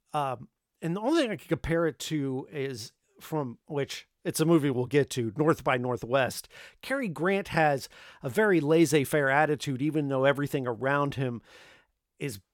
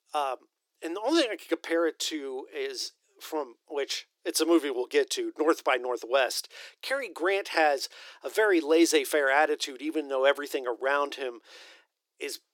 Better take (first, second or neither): first